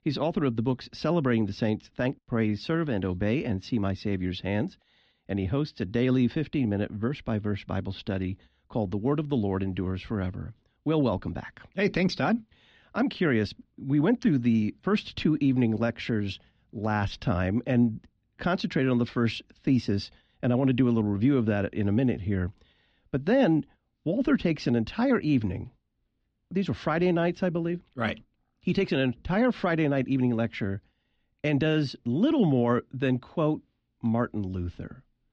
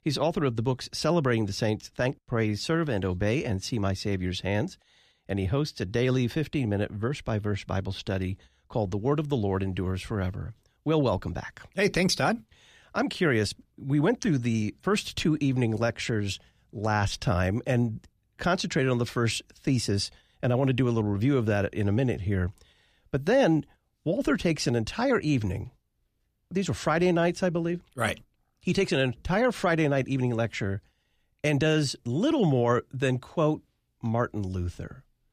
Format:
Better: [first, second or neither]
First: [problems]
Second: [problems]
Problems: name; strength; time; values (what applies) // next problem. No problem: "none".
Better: second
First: muffled; very slightly; fading above 4.5 kHz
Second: none